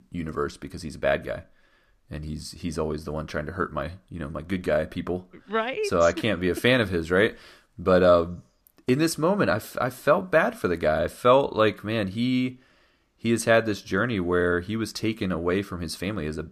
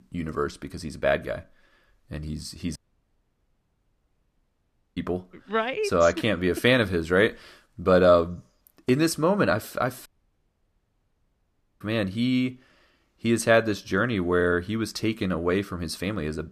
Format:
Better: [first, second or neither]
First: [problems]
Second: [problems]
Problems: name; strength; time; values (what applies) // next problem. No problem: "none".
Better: first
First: none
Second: audio cutting out; at 3 s for 2 s and at 10 s for 1.5 s